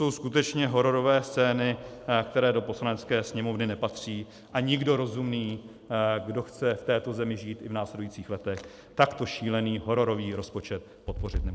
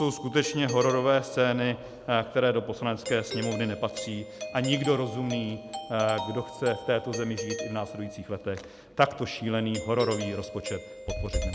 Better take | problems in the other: first | background sound (Doorbell); 11 dB below the speech

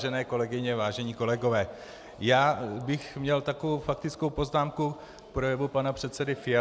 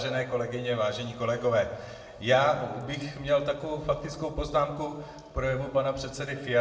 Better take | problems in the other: first | room echo; dies away in 0.8 s

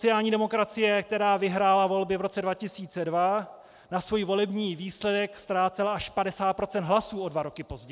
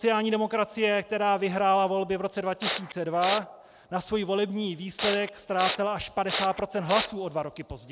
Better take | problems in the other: first | background sound (Respiratory sounds); 5 dB below the speech

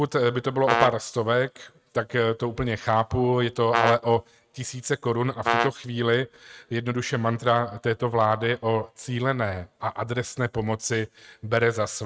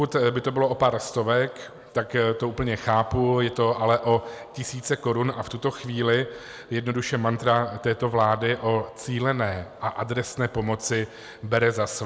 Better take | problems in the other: second | noise reduction (neural mask model RNNoise)

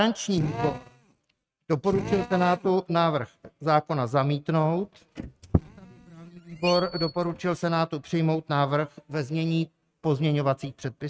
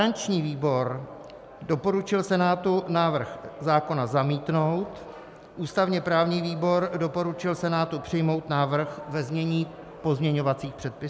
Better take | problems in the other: second | noise reduction (neural mask model RNNoise)

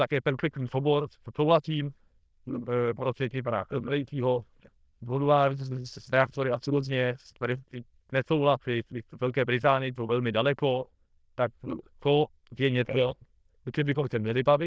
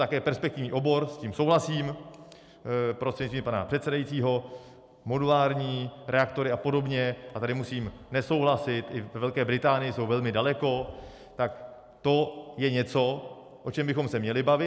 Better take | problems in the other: second | noise reduction (neural diffusion model UNIVERSE++)

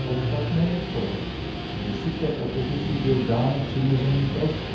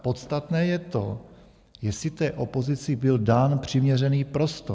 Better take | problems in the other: second | background sound (Guitar); 3 dB below the speech // room echo; dies away in 0.7 s

